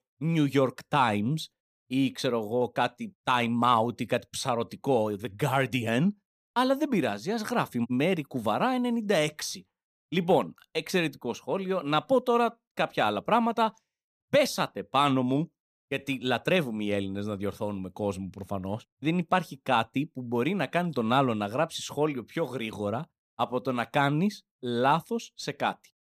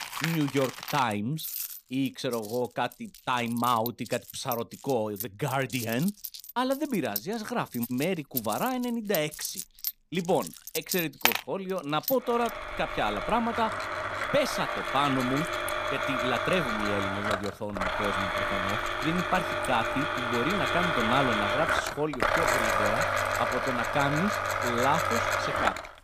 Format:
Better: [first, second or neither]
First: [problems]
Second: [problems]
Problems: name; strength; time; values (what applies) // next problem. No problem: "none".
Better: first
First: none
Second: household noises; very loud; throughout; 1 dB above the speech